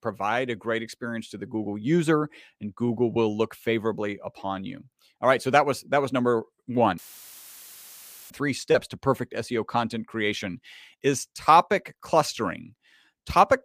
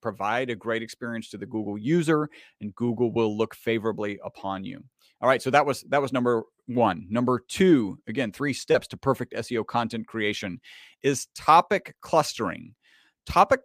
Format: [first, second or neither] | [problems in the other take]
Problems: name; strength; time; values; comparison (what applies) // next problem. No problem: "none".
second | audio cutting out; filled with static; at 7 s for 1.5 s